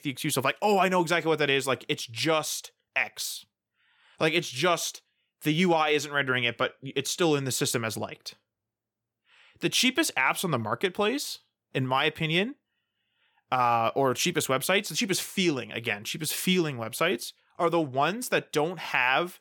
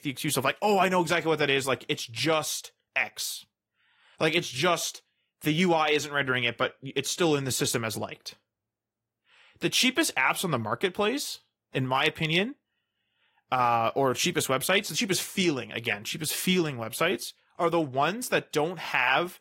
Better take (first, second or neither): first